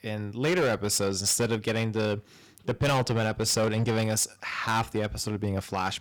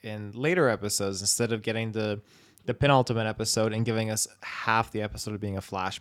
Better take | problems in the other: second | distortion; heavy; 11% of the sound clipped

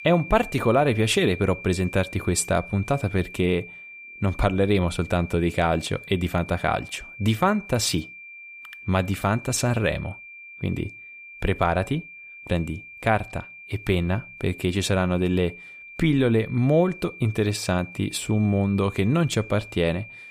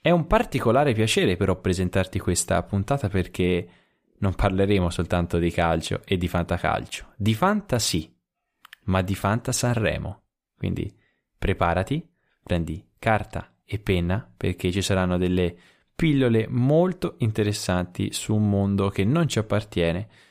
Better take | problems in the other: second | high-pitched whine; noticeable; throughout; 2.5 kHz, 15 dB below the speech

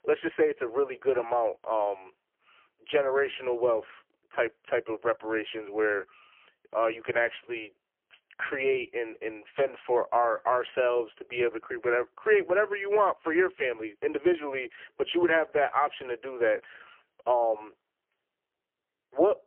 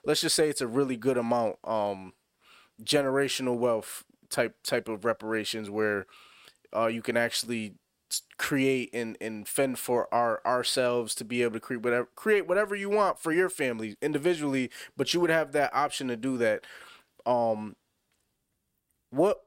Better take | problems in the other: second | phone-call audio; poor line; nothing above 3 kHz

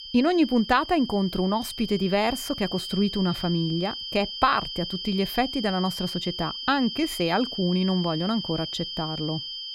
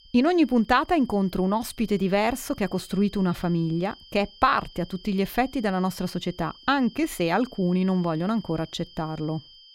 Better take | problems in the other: second | high-pitched whine; loud; throughout; 3 kHz, 7 dB below the speech; faint in the second

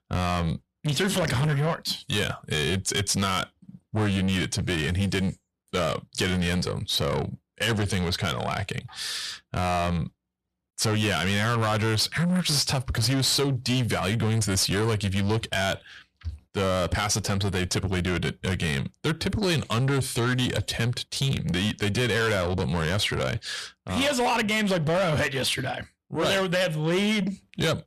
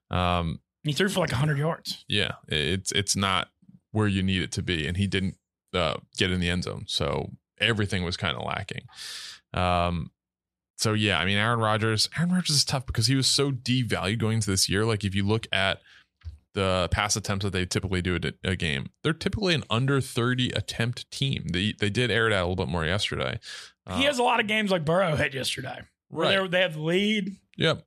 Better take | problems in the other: second | distortion; heavy; 7 dB below the speech

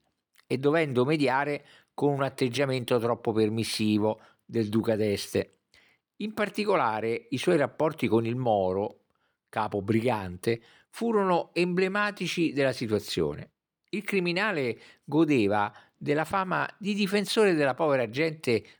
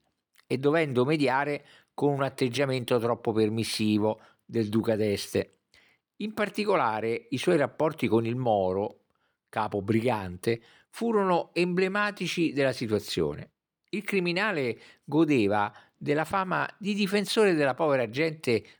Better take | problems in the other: neither | none

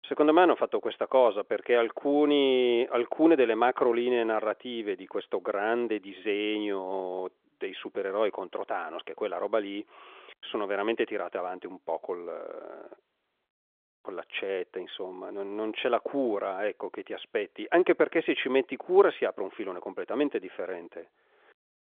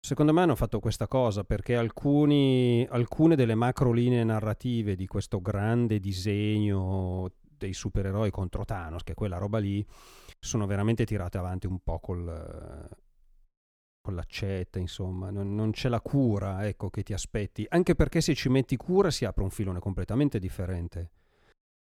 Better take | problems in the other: second | phone-call audio; nothing above 3.5 kHz

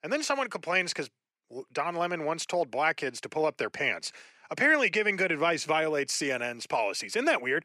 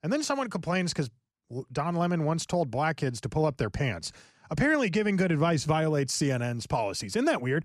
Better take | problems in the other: second | thin; somewhat; fading below 400 Hz

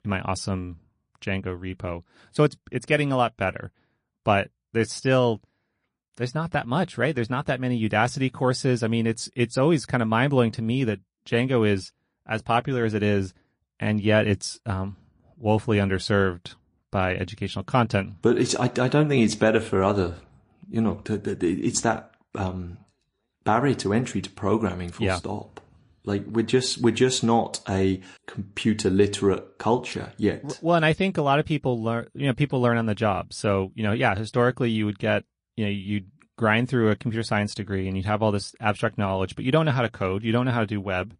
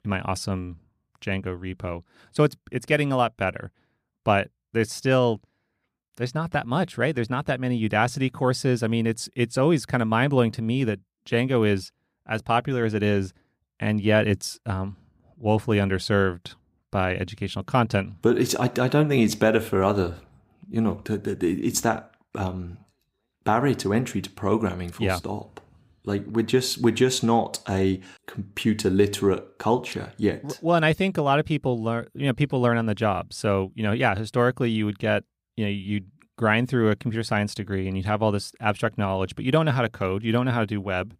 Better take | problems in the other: second | garbled, watery; slightly; nothing above 10.5 kHz

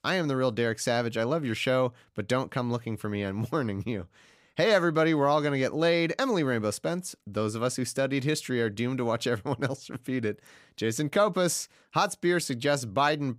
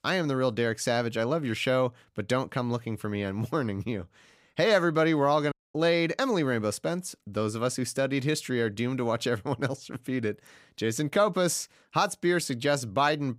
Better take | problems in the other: first | audio cutting out; at 5.5 s

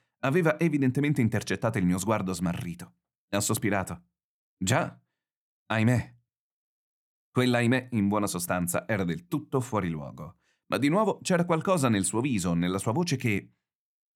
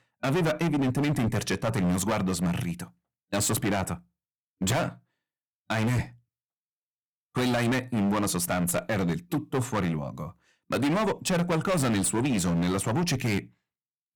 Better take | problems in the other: first | distortion; heavy; 18% of the sound clipped

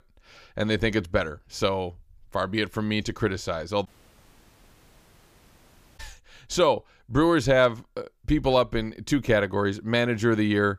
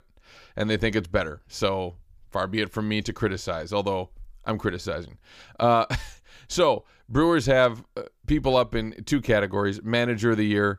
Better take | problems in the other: second | audio cutting out; at 4 s for 2 s

